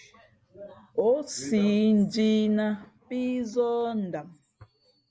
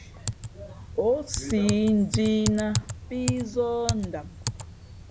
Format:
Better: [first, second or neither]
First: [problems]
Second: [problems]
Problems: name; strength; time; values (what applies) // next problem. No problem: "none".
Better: first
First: none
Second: background sound (Typing); 6 dB below the speech